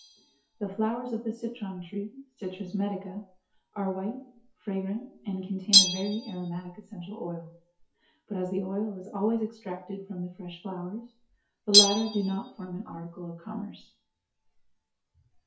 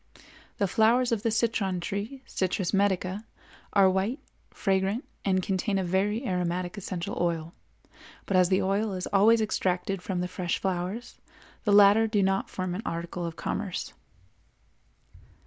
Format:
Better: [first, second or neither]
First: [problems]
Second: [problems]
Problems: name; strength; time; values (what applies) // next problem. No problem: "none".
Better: second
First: noise reduction (classical method WPE with log-MMSE)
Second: none